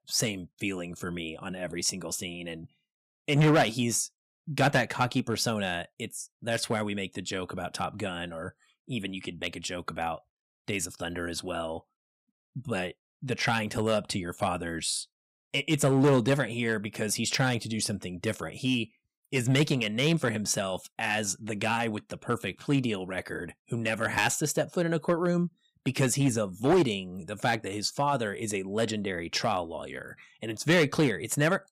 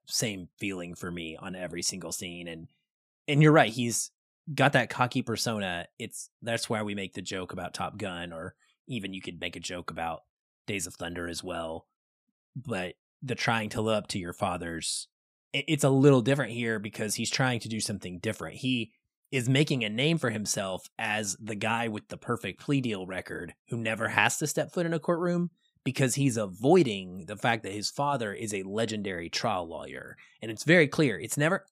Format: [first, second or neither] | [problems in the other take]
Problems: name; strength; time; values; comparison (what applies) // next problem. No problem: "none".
second | distortion; slight; 2% of the sound clipped